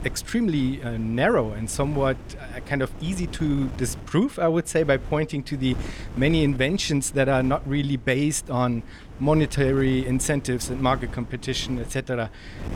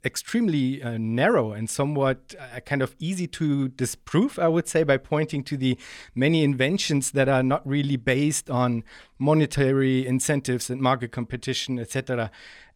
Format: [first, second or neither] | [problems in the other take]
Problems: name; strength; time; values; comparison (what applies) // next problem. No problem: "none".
second | wind noise on the microphone; occasional gusts; 20 dB below the speech